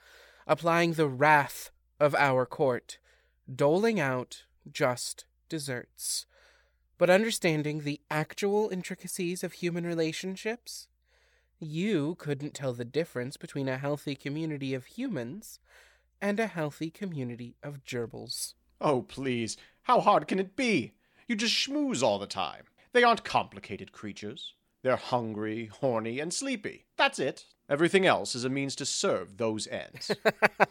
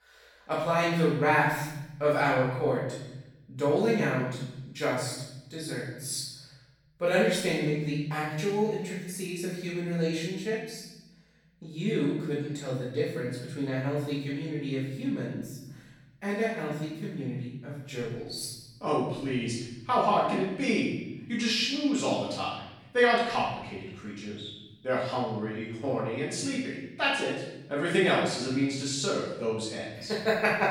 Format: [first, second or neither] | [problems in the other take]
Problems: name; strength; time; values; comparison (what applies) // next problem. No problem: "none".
first | off-mic speech; far // room echo; noticeable; dies away in 1.1 s